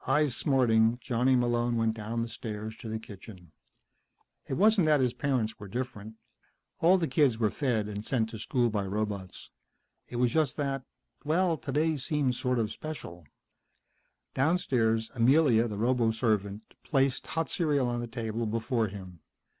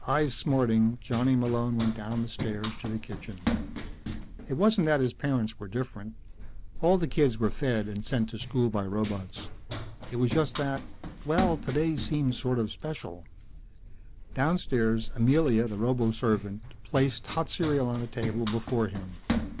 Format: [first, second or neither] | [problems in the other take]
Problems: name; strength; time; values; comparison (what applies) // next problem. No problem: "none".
first | background sound (Run); 8 dB below the speech